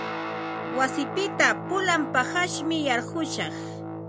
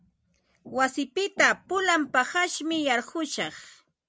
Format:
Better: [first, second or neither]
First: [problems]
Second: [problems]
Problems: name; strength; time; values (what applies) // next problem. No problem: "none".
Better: second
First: background sound (Guitar); 5 dB below the speech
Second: none